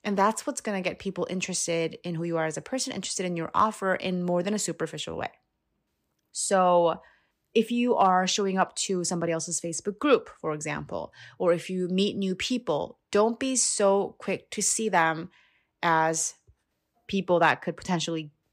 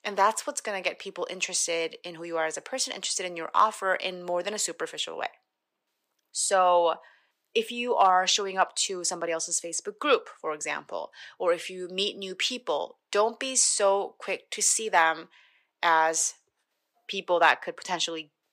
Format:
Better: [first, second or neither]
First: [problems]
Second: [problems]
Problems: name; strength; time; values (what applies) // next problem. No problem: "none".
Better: first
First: none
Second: thin; somewhat; fading below 550 Hz